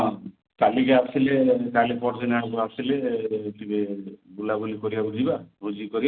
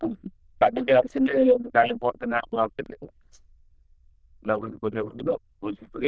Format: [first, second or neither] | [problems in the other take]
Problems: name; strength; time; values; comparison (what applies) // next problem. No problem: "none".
first | noise reduction (neural diffusion model UNIVERSE++)